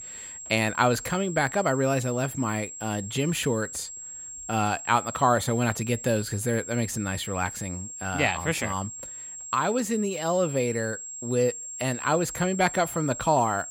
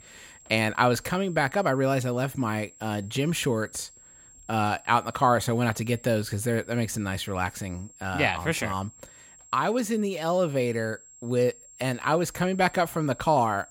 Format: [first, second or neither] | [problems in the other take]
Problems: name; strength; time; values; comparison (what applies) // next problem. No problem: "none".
second | high-pitched whine; loud; throughout; 7.5 kHz, 10 dB below the speech; faint in the second